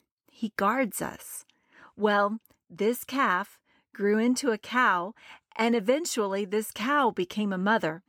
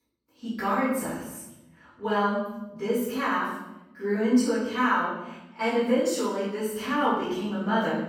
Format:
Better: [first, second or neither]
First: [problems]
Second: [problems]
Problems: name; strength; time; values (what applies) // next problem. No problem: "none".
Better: first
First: none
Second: room echo; strong; dies away in 0.9 s // off-mic speech; far